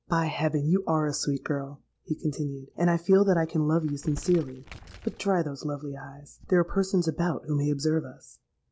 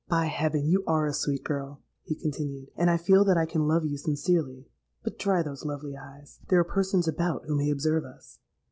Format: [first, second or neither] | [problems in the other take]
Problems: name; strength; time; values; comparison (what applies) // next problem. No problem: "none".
second | background sound (Crumpling, crinkling); 17 dB below the speech